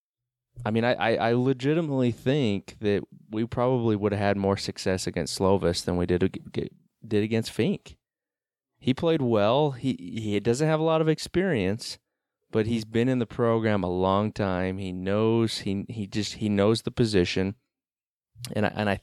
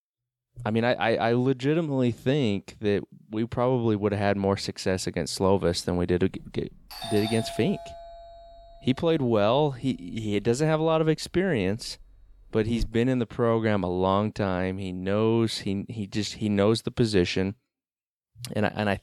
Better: first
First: none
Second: doorbell; noticeable; from 7 to 13 s; peak 7 dB below the speech

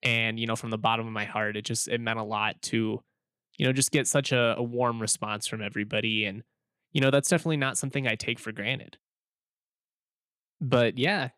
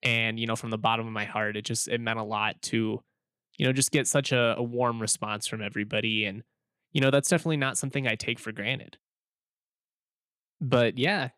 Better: neither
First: none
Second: none

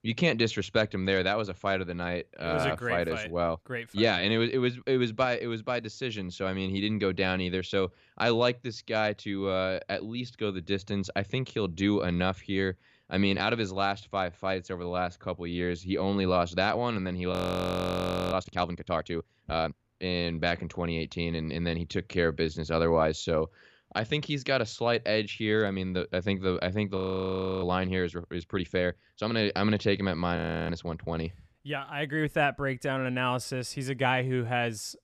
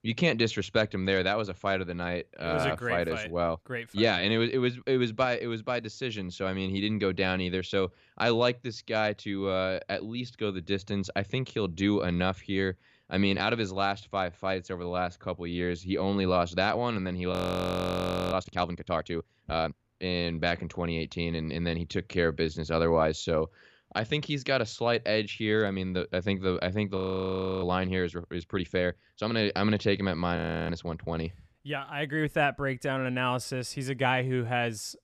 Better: neither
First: audio freezing; at 17 s for 1 s, at 27 s for 0.5 s and at 30 s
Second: audio freezing; at 17 s for 1 s, at 27 s for 0.5 s and at 30 s

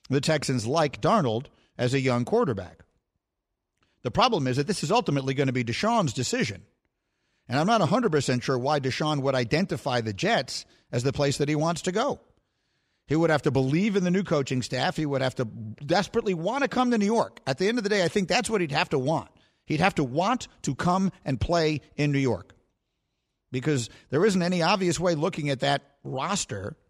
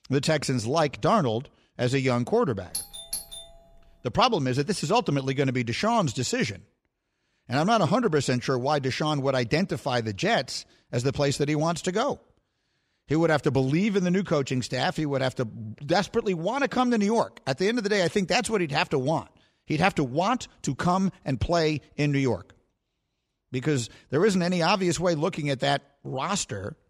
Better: first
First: none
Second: doorbell; noticeable; at 2.5 s; peak 7 dB below the speech

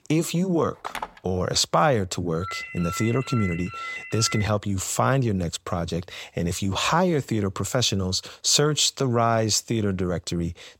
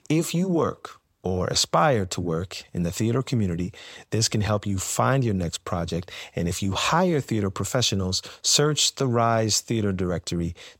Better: second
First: phone ringing; faint; at 1 s; peak 10 dB below the speech // phone ringing; noticeable; from 2.5 to 4.5 s; peak 9 dB below the speech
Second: none

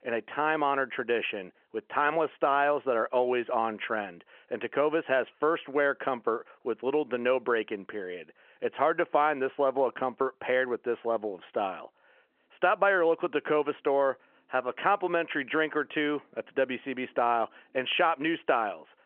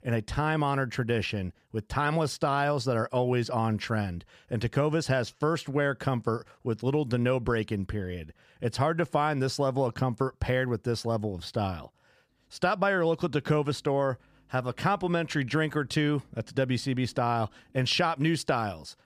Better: second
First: phone-call audio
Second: none

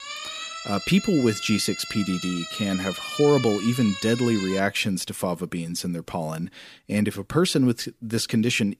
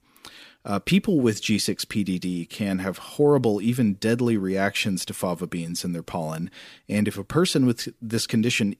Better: second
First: siren; noticeable; until 4.5 s; peak 6 dB below the speech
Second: none

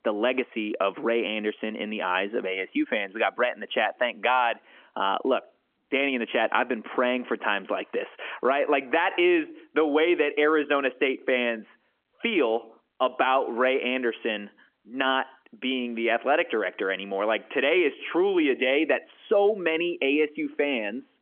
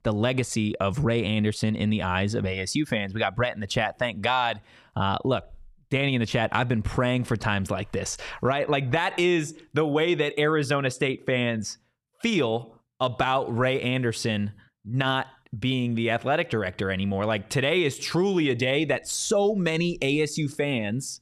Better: second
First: phone-call audio; nothing above 3.5 kHz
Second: none

